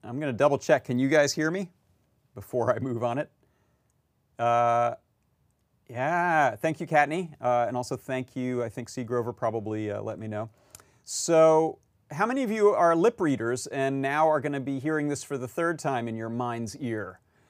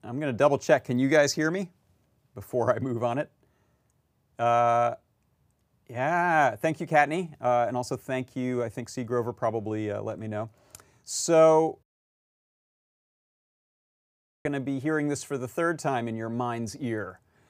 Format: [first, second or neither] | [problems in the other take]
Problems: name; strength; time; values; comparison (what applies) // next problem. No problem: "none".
first | audio cutting out; at 12 s for 2.5 s